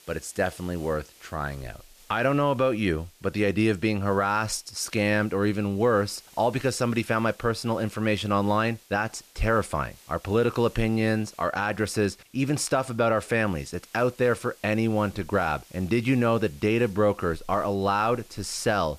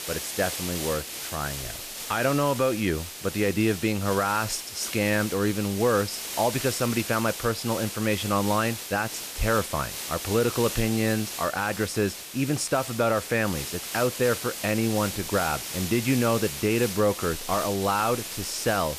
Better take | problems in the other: first | hiss; loud; throughout; 7 dB below the speech; faint in the first

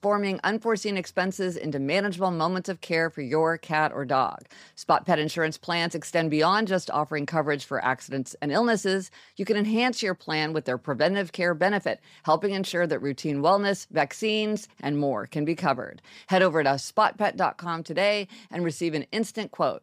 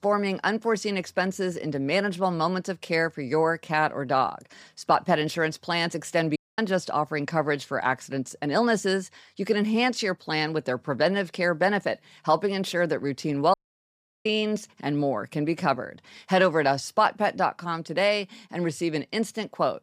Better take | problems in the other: first | audio cutting out; at 6.5 s and at 14 s for 0.5 s

